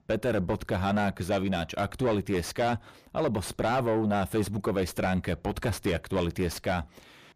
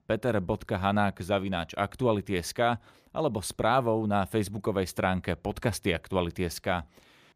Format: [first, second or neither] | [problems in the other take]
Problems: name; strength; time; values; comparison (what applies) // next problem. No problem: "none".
second | distortion; heavy; 6 dB below the speech